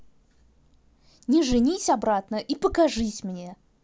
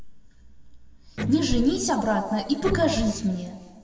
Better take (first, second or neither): first